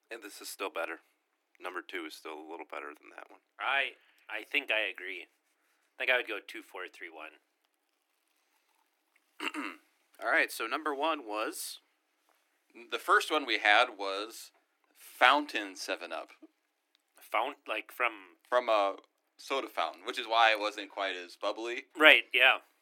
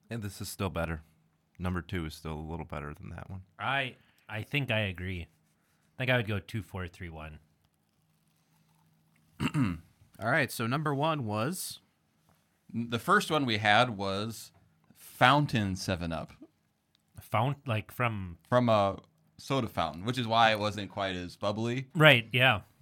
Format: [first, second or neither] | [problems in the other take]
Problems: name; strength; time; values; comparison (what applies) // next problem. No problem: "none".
second | thin; very; fading below 300 Hz